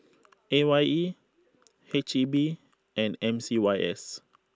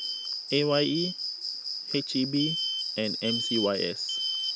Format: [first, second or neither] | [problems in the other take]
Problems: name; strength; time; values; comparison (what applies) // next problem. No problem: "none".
first | background sound (Alarm + Cricket); 2 dB below the speech